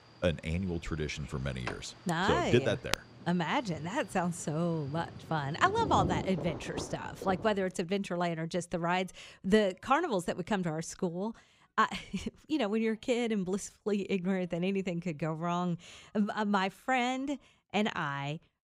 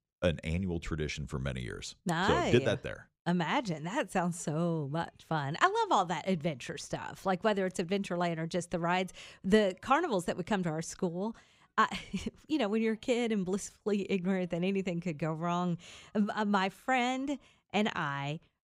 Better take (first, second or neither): second